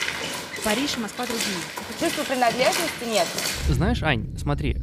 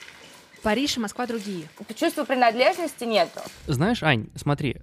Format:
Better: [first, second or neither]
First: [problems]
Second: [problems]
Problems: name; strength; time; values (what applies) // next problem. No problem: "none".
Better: second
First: rain or running water; loud; throughout; 2 dB below the speech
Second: rain or running water; faint; throughout; 20 dB below the speech